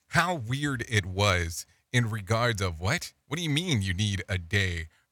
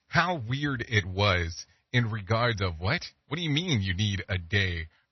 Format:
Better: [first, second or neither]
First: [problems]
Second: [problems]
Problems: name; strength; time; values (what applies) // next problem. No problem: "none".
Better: first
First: none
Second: garbled, watery; slightly; nothing above 6 kHz